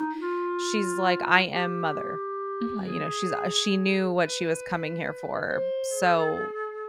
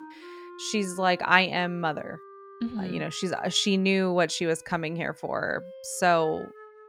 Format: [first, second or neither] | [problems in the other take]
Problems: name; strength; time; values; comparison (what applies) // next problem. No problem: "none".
second | background music; loud; throughout; 6 dB below the speech; faint in the second